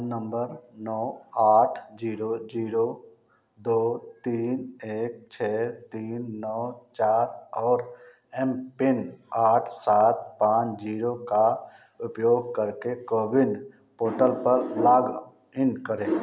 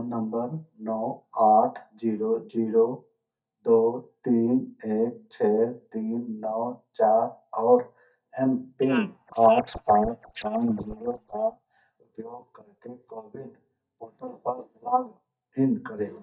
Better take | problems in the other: first | noise reduction (neural mask model DeepFilterNet 3)

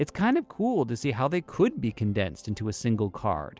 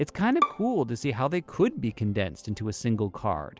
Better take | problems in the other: first | background sound (Bowed string instrument); 7 dB below the speech

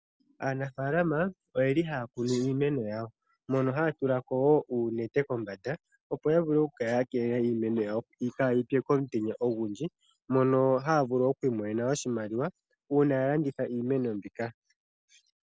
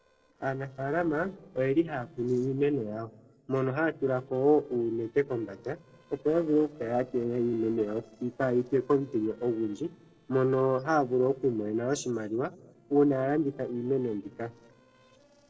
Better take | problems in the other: first | noise reduction (neural separator model SepFormer DNS4)

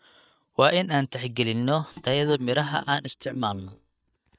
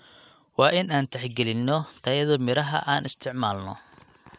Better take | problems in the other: second | noise reduction (neural mask model DeepFilterNet 3)

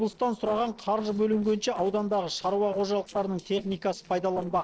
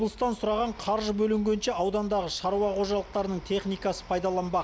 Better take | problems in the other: second | noise reduction (neural separator model SepFormer DNS4)

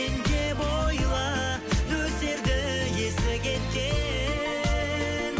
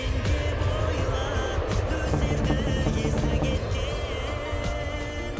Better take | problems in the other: first | background sound (Aircraft + Strum); 5 dB above the speech

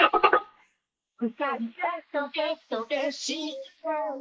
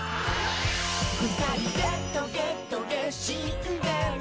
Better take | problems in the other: second | noise reduction (neural mask model Resemble Enhance denoiser)

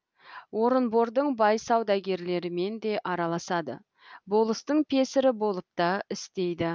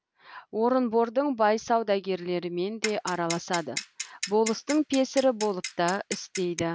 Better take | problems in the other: first | background sound (Clock); 10 dB below the speech

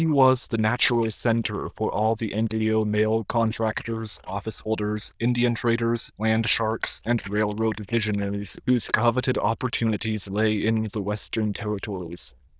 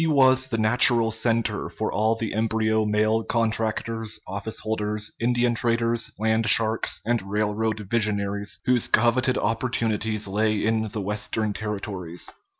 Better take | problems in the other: second | noise reduction (neural diffusion model UNIVERSE++)

